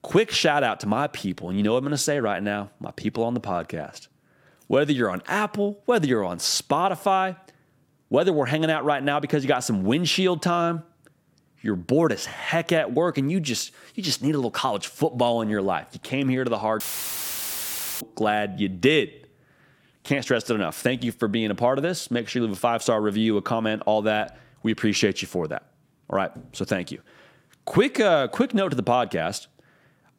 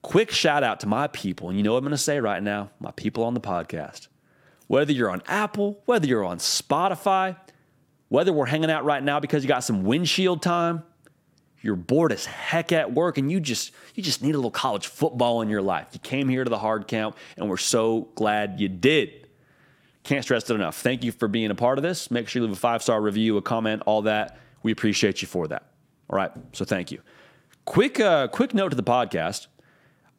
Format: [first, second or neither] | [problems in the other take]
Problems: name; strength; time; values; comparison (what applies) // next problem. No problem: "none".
second | audio cutting out; filled with static; at 17 s for 1 s